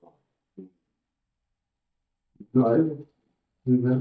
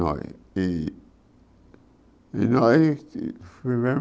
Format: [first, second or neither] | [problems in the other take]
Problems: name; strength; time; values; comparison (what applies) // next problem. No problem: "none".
second | noise reduction (neural mask model DeepFilterNet 3)